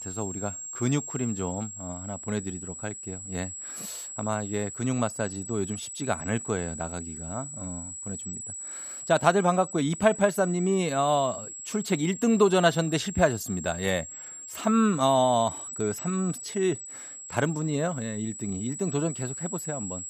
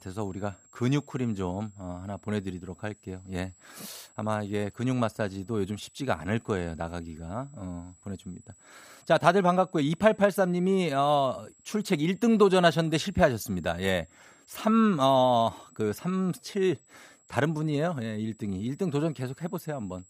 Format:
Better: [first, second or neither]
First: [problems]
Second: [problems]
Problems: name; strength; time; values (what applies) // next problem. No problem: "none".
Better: second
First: high-pitched whine; loud; throughout; 8 kHz, 9 dB below the speech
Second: high-pitched whine; faint; throughout; 8 kHz, 30 dB below the speech